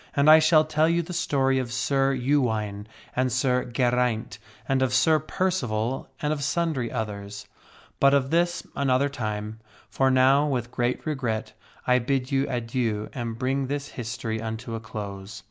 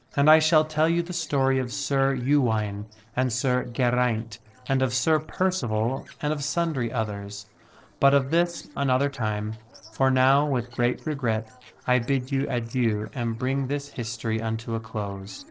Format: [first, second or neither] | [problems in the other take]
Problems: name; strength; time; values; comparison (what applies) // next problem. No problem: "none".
first | noise reduction (neural separator model SepFormer DNS4)